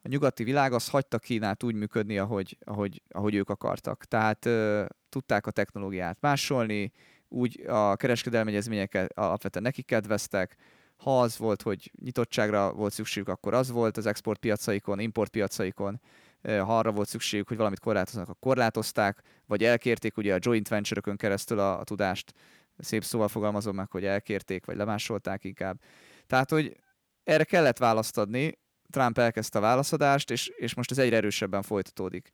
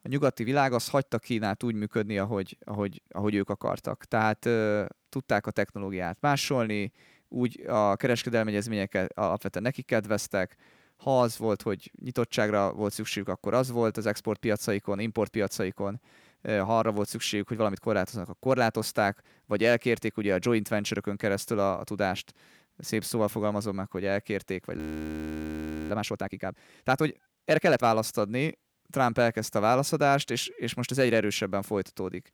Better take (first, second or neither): first